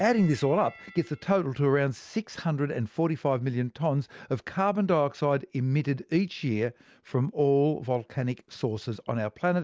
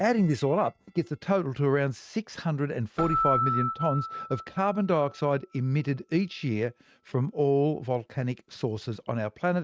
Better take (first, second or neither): first